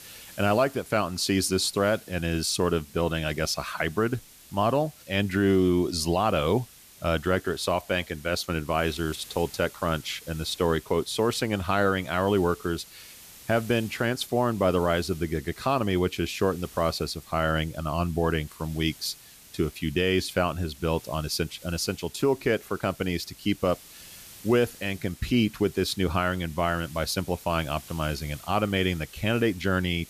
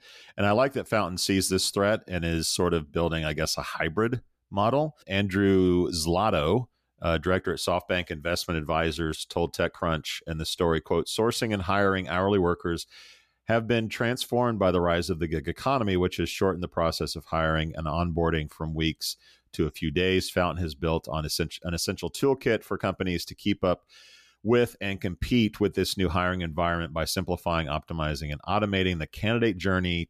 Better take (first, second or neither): second